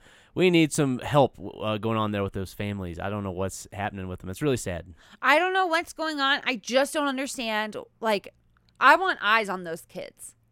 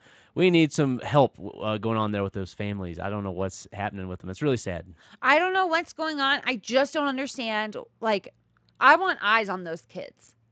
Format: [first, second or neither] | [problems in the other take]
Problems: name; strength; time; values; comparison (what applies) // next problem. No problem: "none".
first | garbled, watery; slightly; nothing above 8 kHz